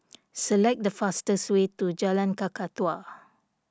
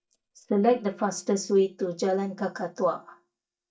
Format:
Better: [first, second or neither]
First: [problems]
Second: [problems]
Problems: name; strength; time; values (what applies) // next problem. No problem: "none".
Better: first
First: none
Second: noise reduction (neural mask model DeepFilterNet 3)